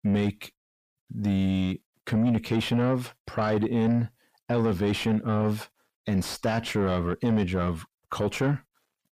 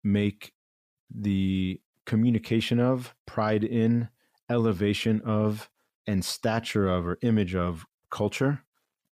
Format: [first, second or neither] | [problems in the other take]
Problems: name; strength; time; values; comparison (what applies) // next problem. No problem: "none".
second | distortion; slight; 10 dB below the speech